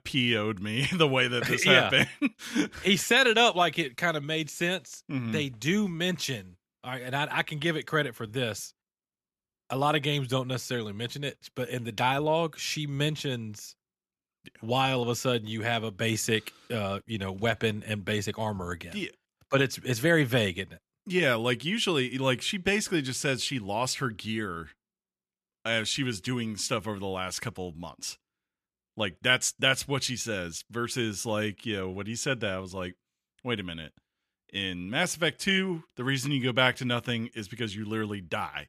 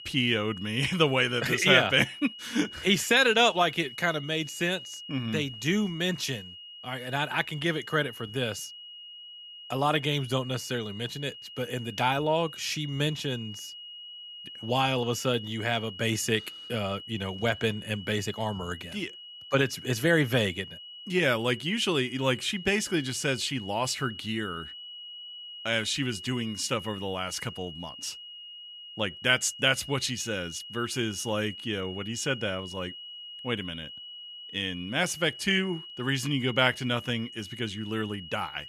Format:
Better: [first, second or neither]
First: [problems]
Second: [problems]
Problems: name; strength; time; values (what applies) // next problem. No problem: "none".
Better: first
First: none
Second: high-pitched whine; noticeable; throughout; 3 kHz, 15 dB below the speech